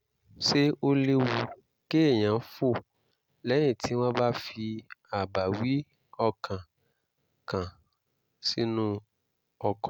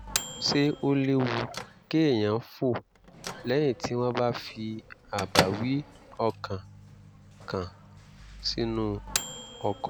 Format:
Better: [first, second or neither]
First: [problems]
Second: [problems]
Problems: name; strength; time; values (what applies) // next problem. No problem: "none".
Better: first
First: none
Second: background sound (Microwave oven / Bell); 8 dB below the speech